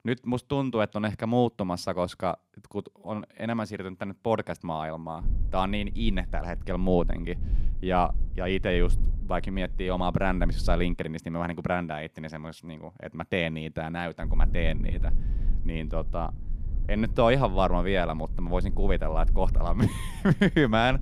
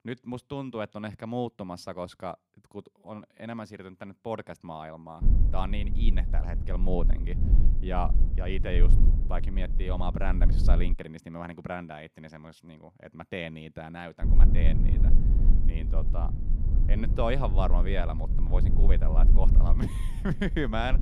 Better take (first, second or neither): first